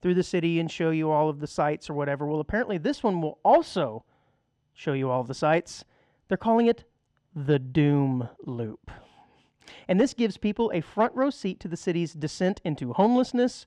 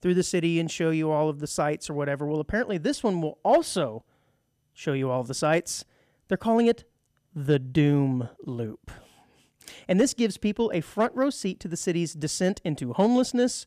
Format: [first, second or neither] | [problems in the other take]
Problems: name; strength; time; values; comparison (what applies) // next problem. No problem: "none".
second | muffled; slightly; fading above 4 kHz